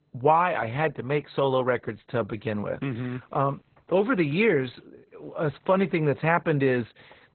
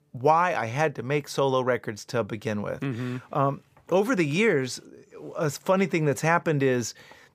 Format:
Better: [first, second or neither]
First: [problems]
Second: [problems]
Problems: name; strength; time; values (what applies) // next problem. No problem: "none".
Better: second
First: garbled, watery; badly; nothing above 4 kHz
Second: none